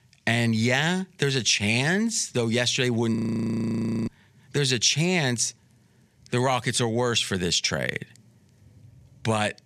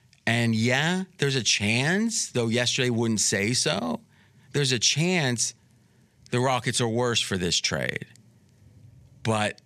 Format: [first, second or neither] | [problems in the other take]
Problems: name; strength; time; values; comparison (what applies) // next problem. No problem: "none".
second | audio freezing; at 3 s for 1 s